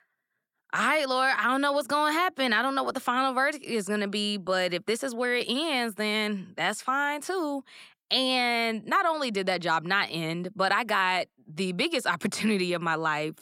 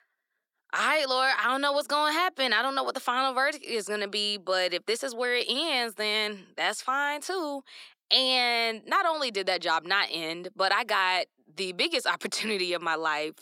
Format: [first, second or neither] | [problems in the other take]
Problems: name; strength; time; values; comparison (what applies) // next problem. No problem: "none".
first | thin; somewhat; fading below 400 Hz